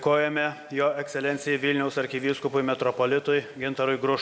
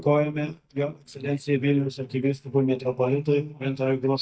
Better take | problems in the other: first | noise reduction (neural mask model DeepFilterNet 3)

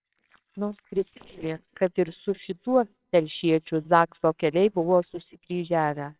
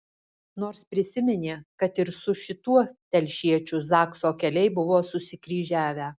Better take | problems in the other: second | noise reduction (neural separator model SepFormer WHAMR!)

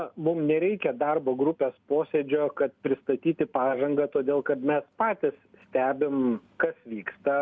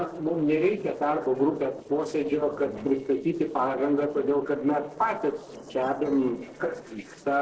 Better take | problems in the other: first | noise reduction (neural separator model SepFormer DNS4)

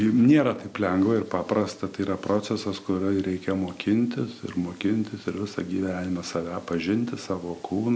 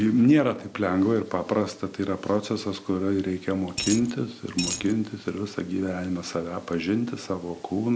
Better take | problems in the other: first | background sound (Coin (dropping)); 5 dB below the speech

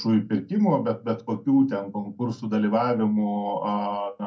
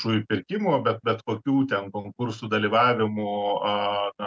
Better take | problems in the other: second | room echo; dies away in 0.2 s

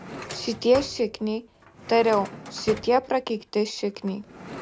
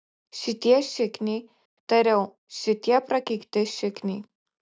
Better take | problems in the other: second | background sound (Drawer open or close); 15 dB below the speech

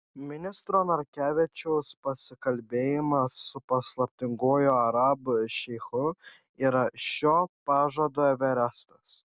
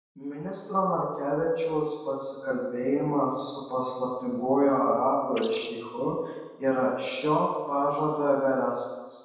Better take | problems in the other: first | background sound (Bird); 14 dB below the speech // room echo; dies away in 1.1 s

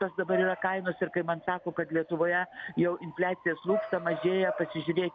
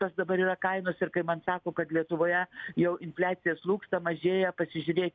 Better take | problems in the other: second | background sound (Bark / Motor vehicle (road) / Siren); 10 dB below the speech

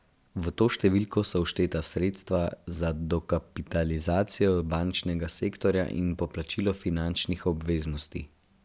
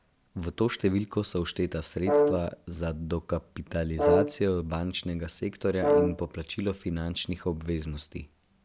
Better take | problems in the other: first | background sound (Brass instrument); 1 dB above the speech

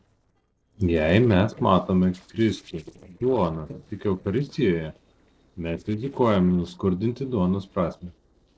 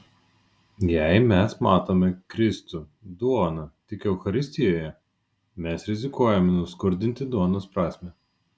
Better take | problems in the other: second | noise reduction (neural separator model SepFormer DNS4)

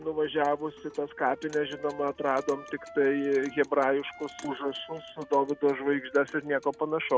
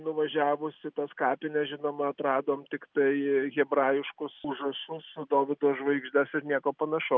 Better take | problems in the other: second | background sound (Wind instrument, woodwind instrument + Clock); 19 dB below the speech

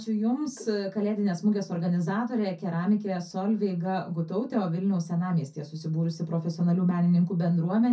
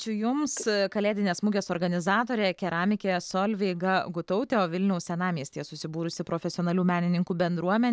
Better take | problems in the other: second | room echo; dies away in 0.3 s

